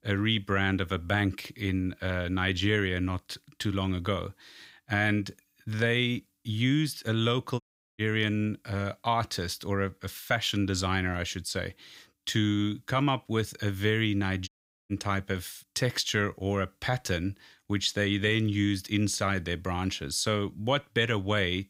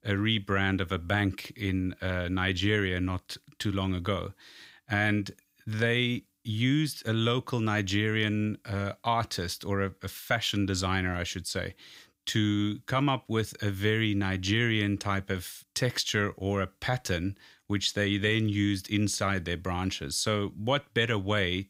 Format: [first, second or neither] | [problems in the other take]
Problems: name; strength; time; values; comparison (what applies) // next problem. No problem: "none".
second | audio cutting out; at 7.5 s and at 14 s